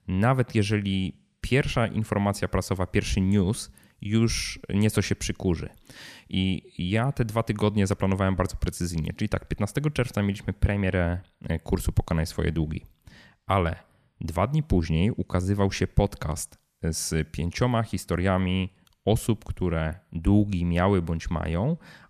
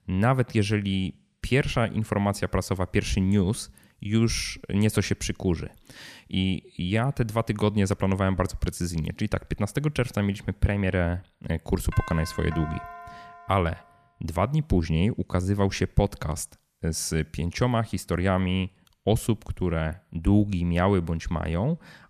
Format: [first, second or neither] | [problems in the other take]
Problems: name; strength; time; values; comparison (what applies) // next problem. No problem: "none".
first | doorbell; faint; from 12 to 14 s; peak 10 dB below the speech